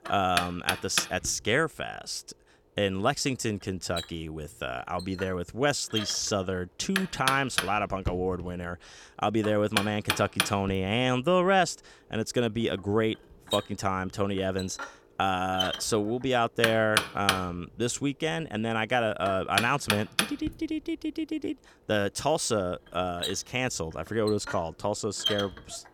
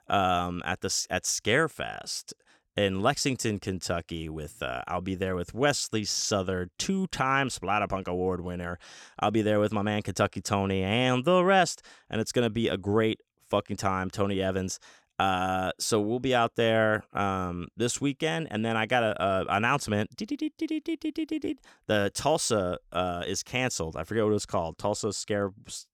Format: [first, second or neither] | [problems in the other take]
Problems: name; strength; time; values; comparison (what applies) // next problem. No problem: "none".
second | household noises; loud; throughout; 3 dB below the speech